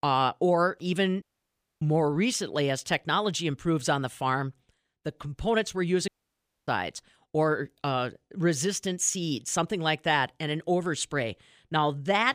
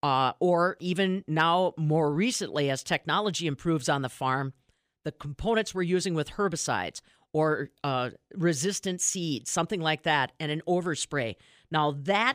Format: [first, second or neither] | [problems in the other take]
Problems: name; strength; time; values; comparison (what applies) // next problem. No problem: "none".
second | audio cutting out; at 1 s for 0.5 s and at 6 s for 0.5 s